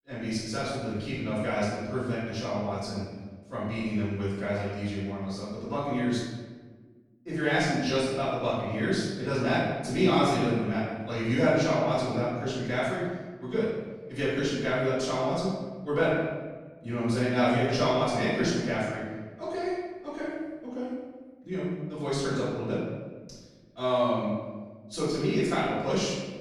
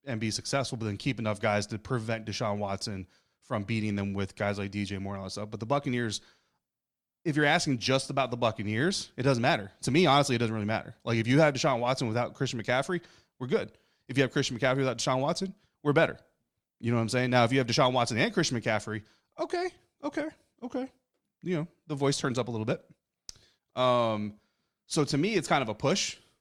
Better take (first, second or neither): second